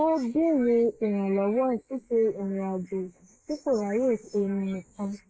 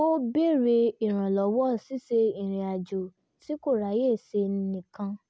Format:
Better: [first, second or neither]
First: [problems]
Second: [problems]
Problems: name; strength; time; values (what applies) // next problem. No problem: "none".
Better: second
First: noise reduction (neural mask model Resemble Enhance denoiser)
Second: none